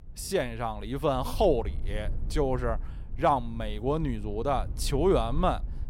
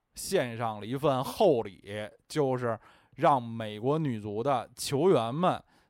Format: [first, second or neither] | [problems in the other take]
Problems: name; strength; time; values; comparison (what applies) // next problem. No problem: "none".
second | low rumble; faint; throughout; 25 dB below the speech